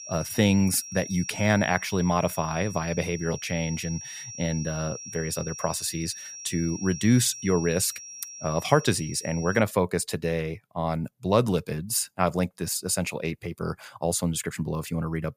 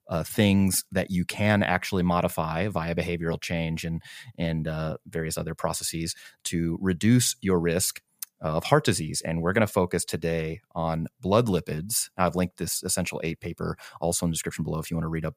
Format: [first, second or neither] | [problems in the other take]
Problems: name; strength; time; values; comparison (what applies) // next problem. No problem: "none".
second | high-pitched whine; noticeable; until 9.5 s; 5.5 kHz, 10 dB below the speech